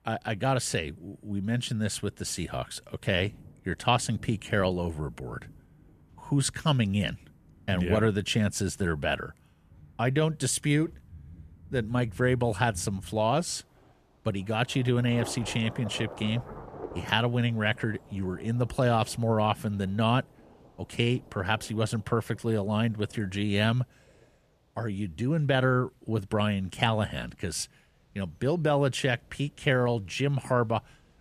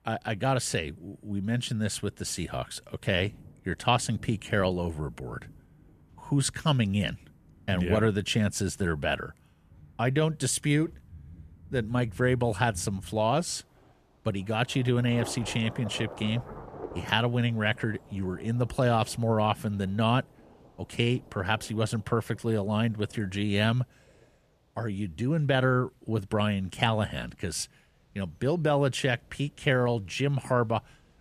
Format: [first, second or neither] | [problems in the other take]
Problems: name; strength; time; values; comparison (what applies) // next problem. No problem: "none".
neither | rain or running water; noticeable; throughout; 20 dB below the speech; the same in both